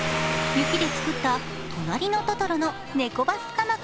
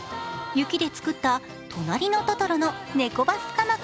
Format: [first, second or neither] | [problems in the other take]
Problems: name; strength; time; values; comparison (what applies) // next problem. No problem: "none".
second | background sound (Bowed string instrument + Domestic sounds, home sounds); 4 dB below the speech